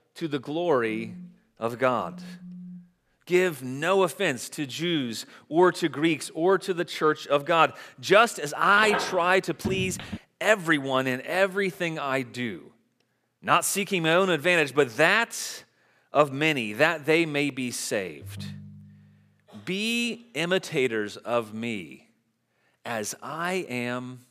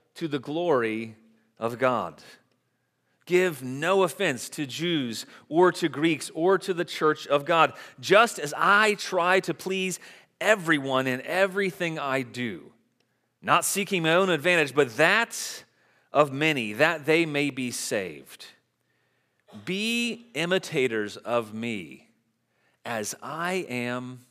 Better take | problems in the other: second | phone ringing; faint; from 1 to 3 s and at 18 s; peak 15 dB below the speech // phone ringing; noticeable; from 9 to 10 s; peak 4 dB below the speech

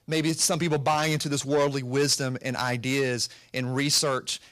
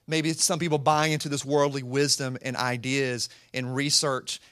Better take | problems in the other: second | distortion; slight; 10 dB below the speech

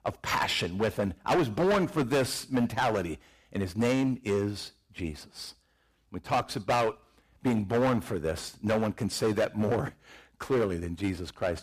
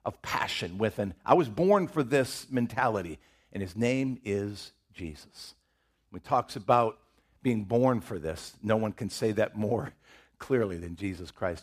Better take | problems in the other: second | distortion; heavy; 9% of the sound clipped

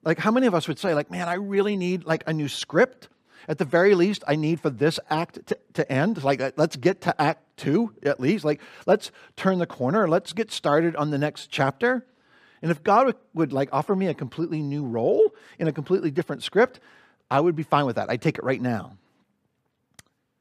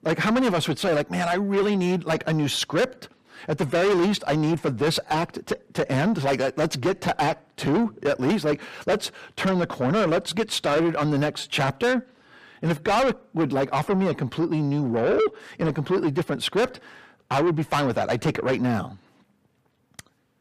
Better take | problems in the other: first | distortion; heavy; 6 dB below the speech

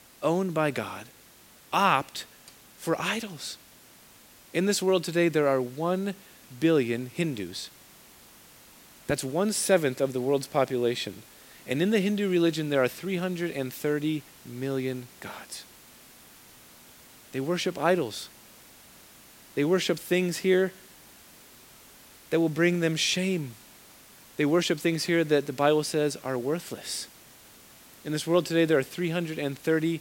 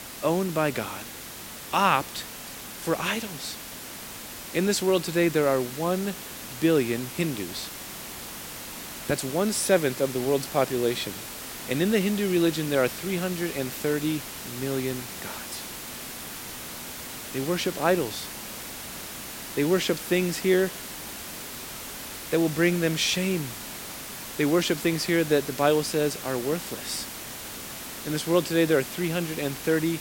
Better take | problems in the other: first | hiss; loud; throughout; 10 dB below the speech; faint in the first

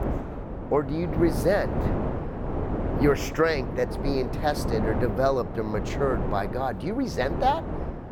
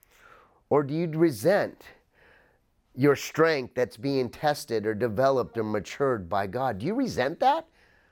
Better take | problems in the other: second | wind noise on the microphone; heavy; 8 dB below the speech

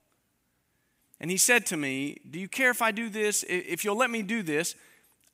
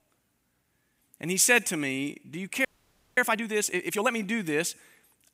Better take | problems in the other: first | audio freezing; at 2.5 s for 0.5 s

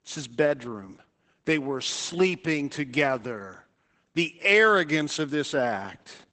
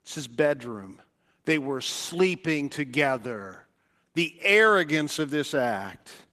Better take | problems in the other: second | garbled, watery; badly; nothing above 8 kHz; slightly in the second

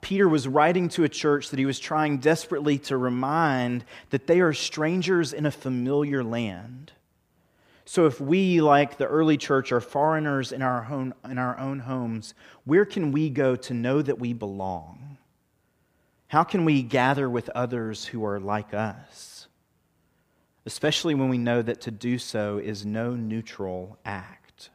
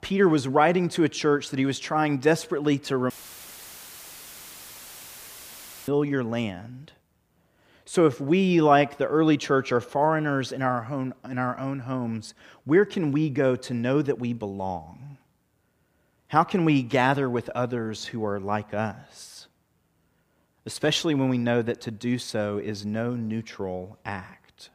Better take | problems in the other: first | audio cutting out; filled with static; at 3 s for 3 s

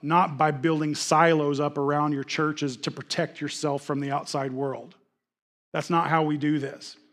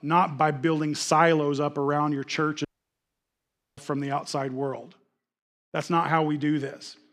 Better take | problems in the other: first | audio cutting out; at 2.5 s for 1 s

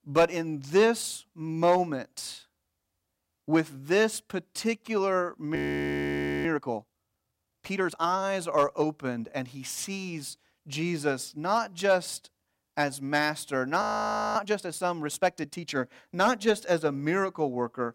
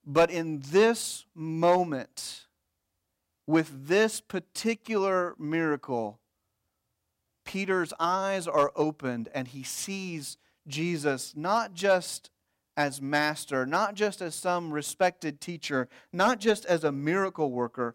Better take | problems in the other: second | audio freezing; at 5.5 s for 1 s and at 14 s for 0.5 s

